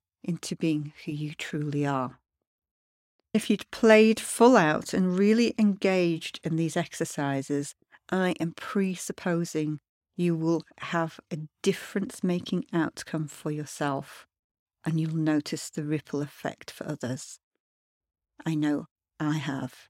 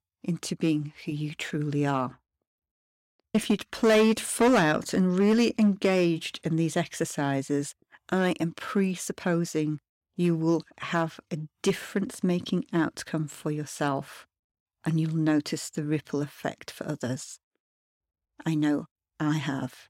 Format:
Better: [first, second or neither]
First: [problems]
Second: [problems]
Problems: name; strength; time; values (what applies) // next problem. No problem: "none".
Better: first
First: none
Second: distortion; slight; 2% of the sound clipped